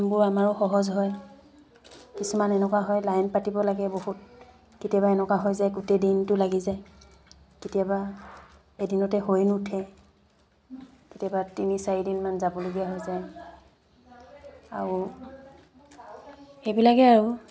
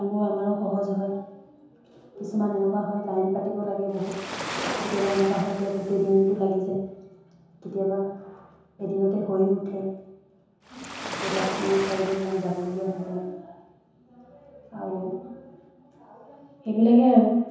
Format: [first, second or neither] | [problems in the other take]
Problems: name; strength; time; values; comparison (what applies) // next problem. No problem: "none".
first | background sound (Waves, surf); 8 dB below the speech // room echo; dies away in 0.9 s